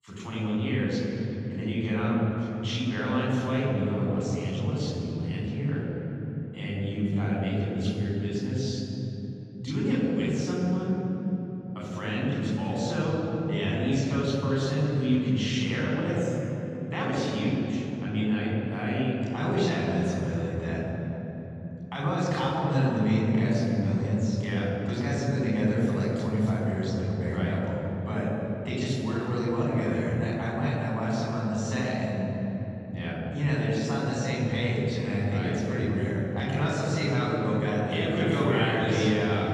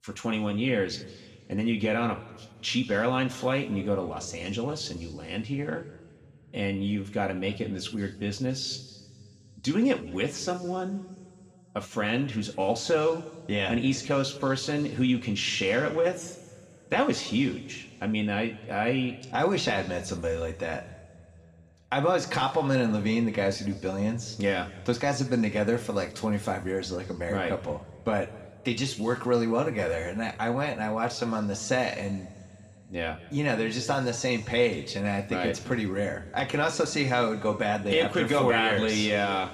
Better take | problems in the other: second | room echo; strong; dies away in 3 s; slight in the second // off-mic speech; far; somewhat distant in the second

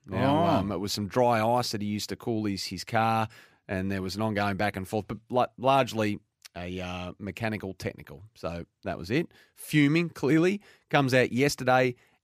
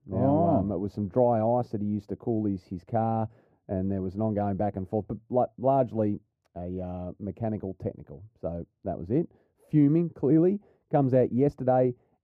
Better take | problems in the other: first | muffled; very; fading above 1 kHz

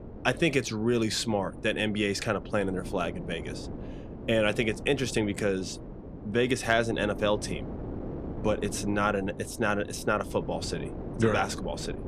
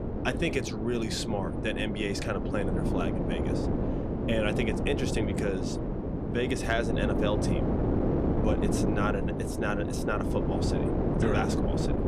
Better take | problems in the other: first | wind noise on the microphone; heavy; 1 dB below the speech; occasional gusts in the first

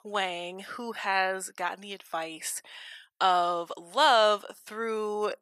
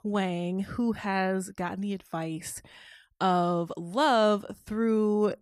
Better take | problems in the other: second | thin; very; fading below 650 Hz

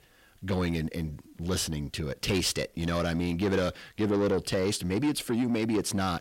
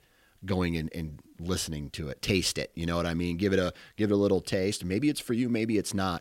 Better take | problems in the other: second | distortion; slight; 10 dB below the speech

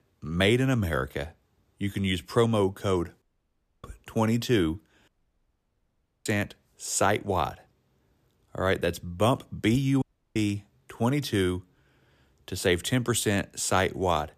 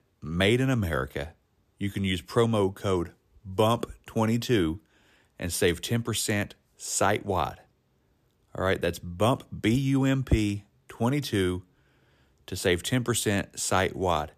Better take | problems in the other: second | audio cutting out; at 3 s for 0.5 s, at 5 s for 1 s and at 10 s

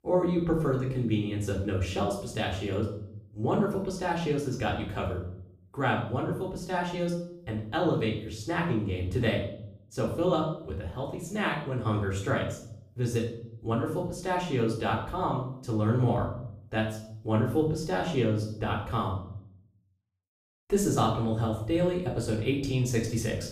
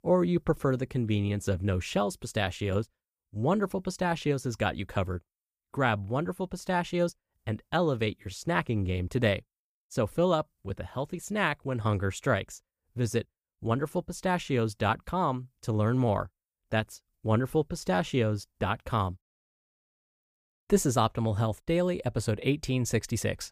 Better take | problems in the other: second | off-mic speech; far // room echo; noticeable; dies away in 0.6 s

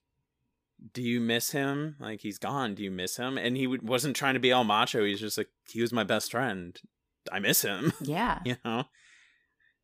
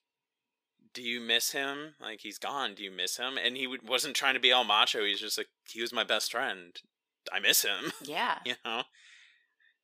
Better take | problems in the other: first | thin; somewhat; fading below 450 Hz

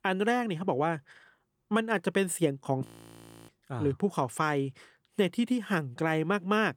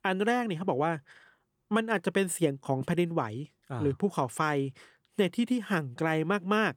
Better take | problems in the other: second | audio freezing; at 3 s for 0.5 s

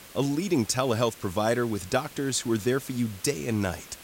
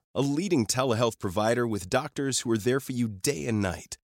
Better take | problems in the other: second | hiss; noticeable; throughout; 20 dB below the speech

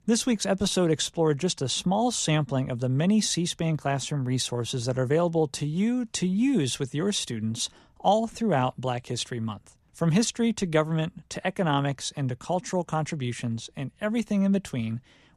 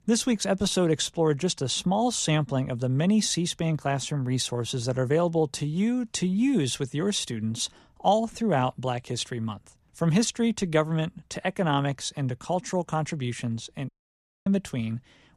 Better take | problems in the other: first | audio cutting out; at 14 s for 0.5 s

